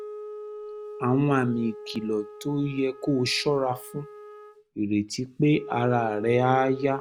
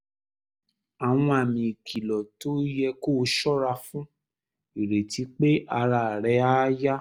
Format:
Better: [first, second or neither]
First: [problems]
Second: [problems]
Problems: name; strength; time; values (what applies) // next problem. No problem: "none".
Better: second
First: background sound (Wind instrument, woodwind instrument); 14 dB below the speech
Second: none